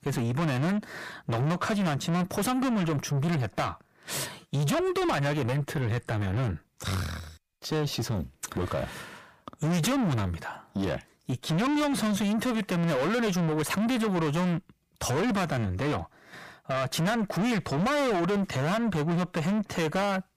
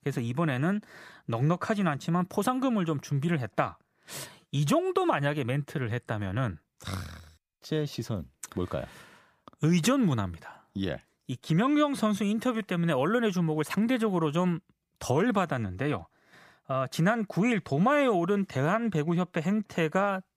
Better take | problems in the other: second | distortion; heavy; 6 dB below the speech

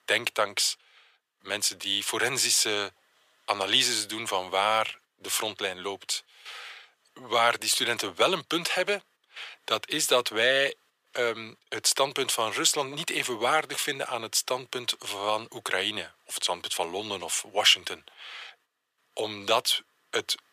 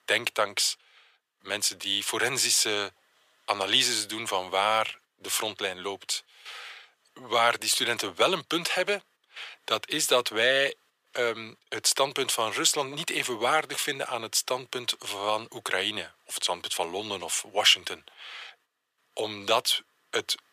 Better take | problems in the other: neither | thin; very; fading below 500 Hz; the same in both

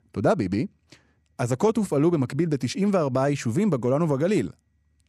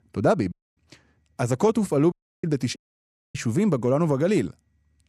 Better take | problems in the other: first | audio cutting out; at 0.5 s, at 2 s and at 3 s for 0.5 s

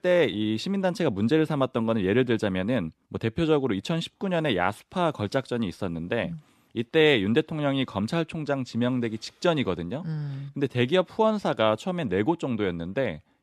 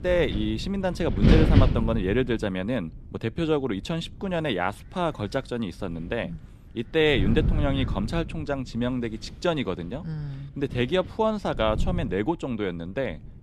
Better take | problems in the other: first | wind noise on the microphone; heavy; 7 dB below the speech

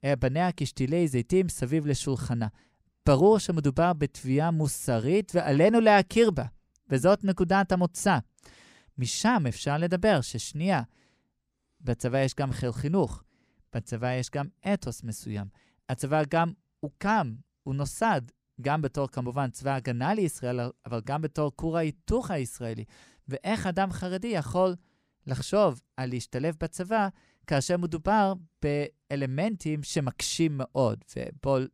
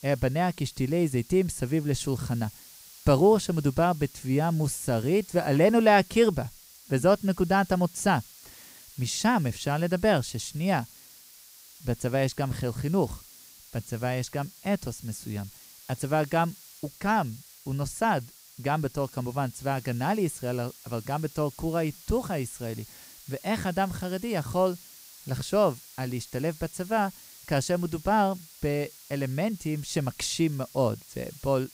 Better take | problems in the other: first | hiss; noticeable; throughout; 20 dB below the speech

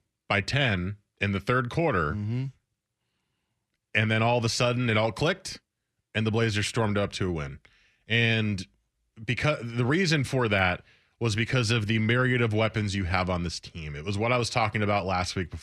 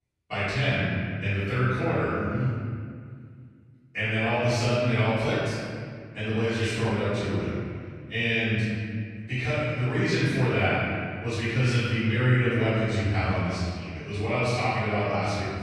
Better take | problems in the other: first | off-mic speech; far // room echo; strong; dies away in 2 s

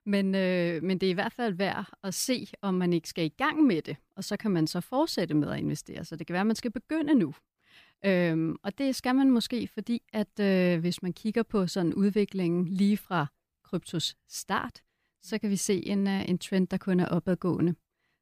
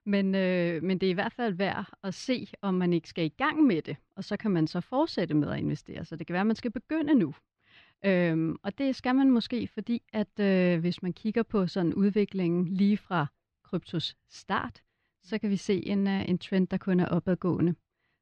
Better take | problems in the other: first | muffled; very slightly; fading above 4 kHz

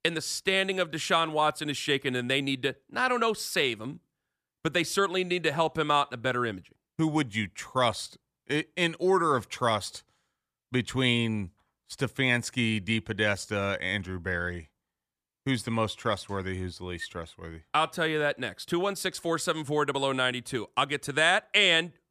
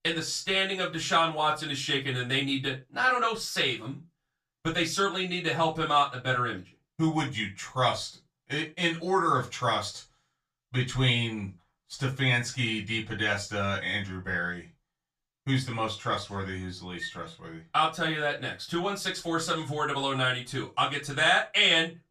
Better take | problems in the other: first | room echo; very slight; dies away in 0.2 s // off-mic speech; far

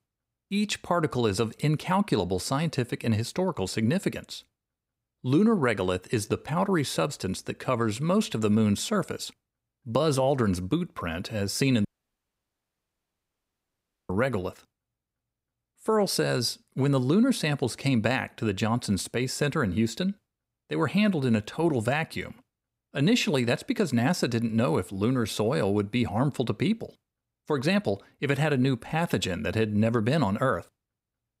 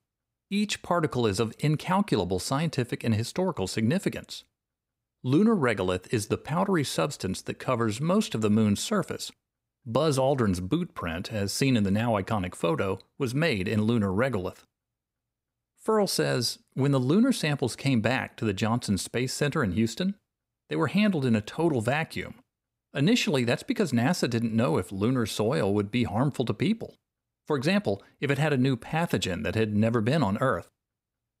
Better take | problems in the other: second | audio cutting out; at 12 s for 2 s

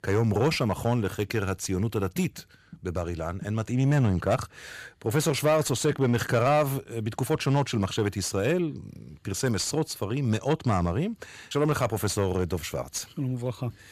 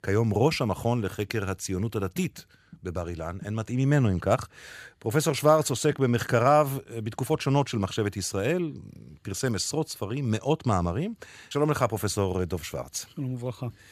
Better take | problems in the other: second | distortion; slight; 10 dB below the speech

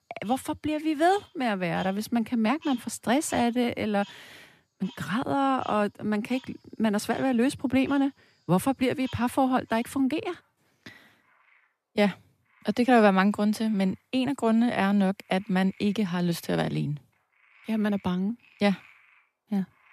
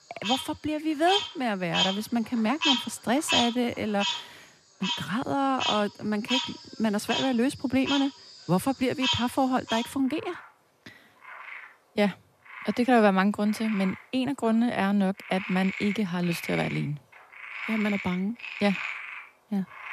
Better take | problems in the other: first | animal sounds; loud; throughout; 4 dB below the speech; faint in the first

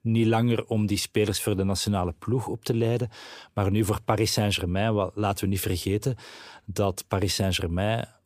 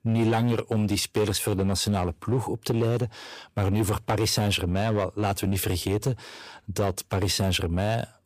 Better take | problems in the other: first | distortion; slight; 8% of the sound clipped

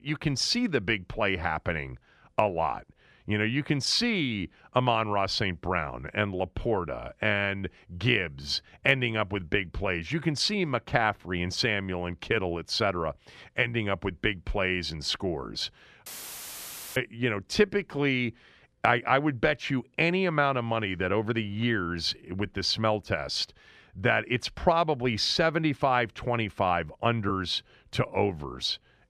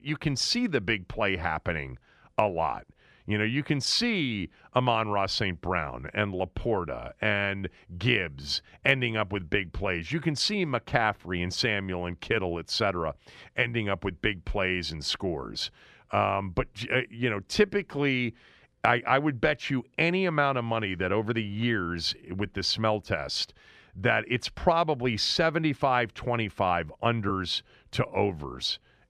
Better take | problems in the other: second | audio cutting out; filled with static; at 16 s for 1 s

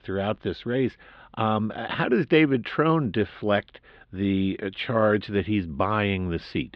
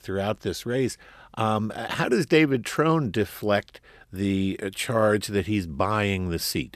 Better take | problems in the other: second | muffled; very; fading above 3.5 kHz

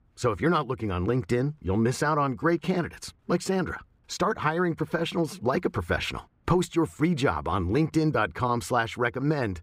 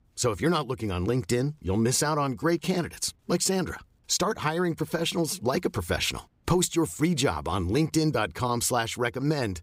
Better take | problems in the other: second | muffled; slightly; fading above 3.5 kHz

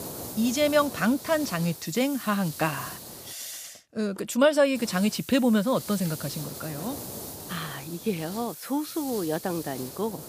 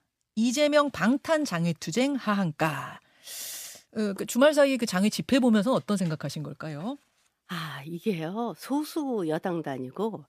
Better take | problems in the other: second | hiss; noticeable; until 3.5 s and from 5 s on; 10 dB below the speech

